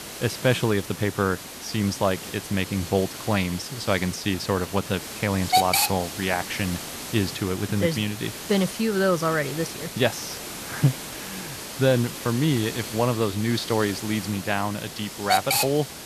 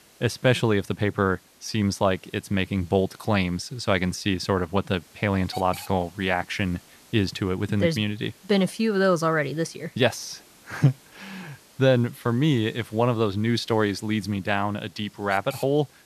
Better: second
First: hiss; loud; throughout; 5 dB below the speech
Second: hiss; faint; throughout; 25 dB below the speech

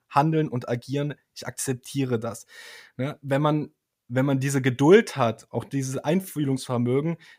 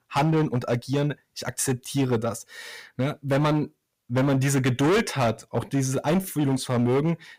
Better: first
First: none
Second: distortion; heavy; 13% of the sound clipped

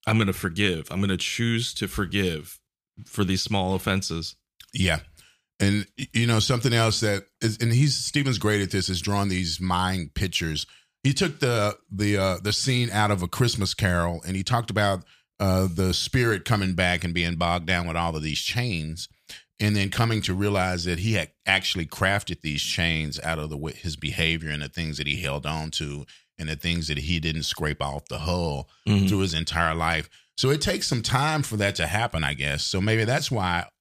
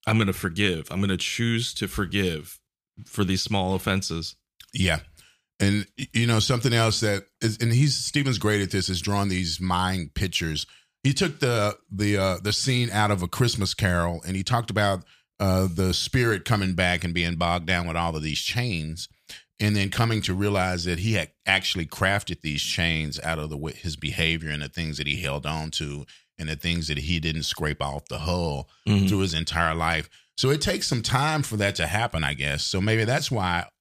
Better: neither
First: none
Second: none

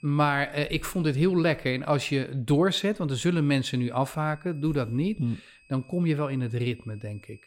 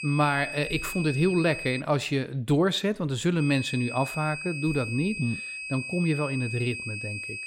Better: first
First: high-pitched whine; faint; until 2 s and from 3.5 s on; 2.5 kHz, 30 dB below the speech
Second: high-pitched whine; loud; until 2 s and from 3.5 s on; 2.5 kHz, 7 dB below the speech

